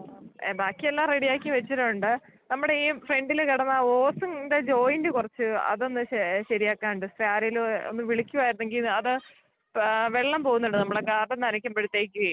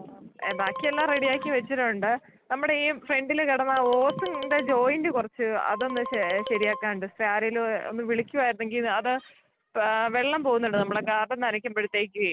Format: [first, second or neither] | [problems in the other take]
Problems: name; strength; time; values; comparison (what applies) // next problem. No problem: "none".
first | background sound (Marimba, xylophone); 10 dB below the speech